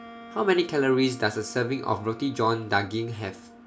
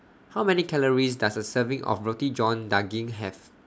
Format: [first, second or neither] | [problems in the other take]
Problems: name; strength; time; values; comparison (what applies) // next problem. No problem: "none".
second | background sound (Wind instrument, woodwind instrument); 19 dB below the speech // room echo; dies away in 0.3 s